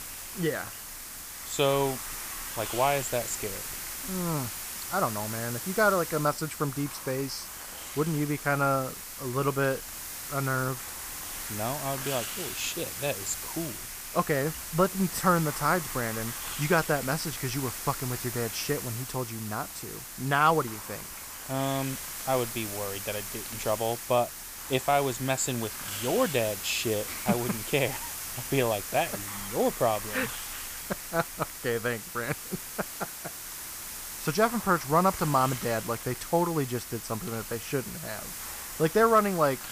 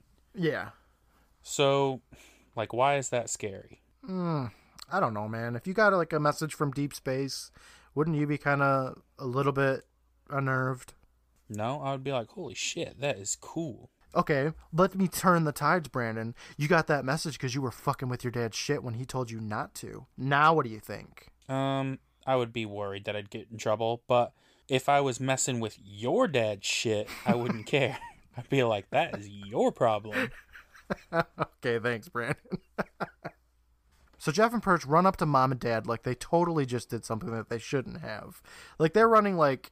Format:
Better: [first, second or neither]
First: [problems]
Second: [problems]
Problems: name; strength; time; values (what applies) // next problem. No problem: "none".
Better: second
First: hiss; loud; throughout; 6 dB below the speech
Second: none